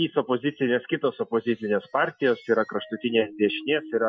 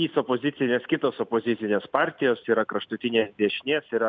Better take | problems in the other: second | noise reduction (classical method Wiener filter)

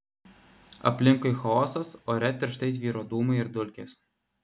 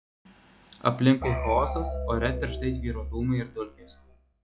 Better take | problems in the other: first | noise reduction (classical method log-MMSE)

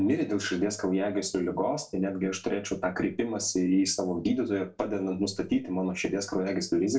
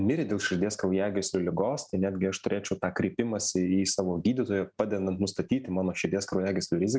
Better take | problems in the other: second | room echo; dies away in 0.2 s

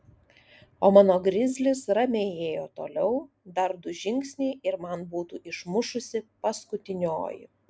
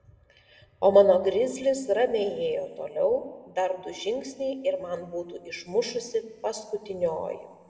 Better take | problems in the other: first | room echo; dies away in 1.4 s

